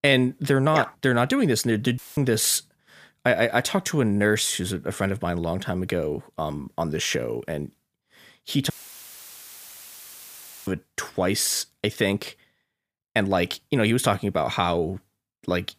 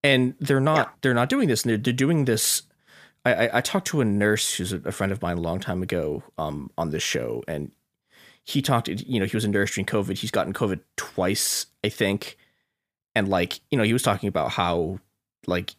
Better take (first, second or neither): second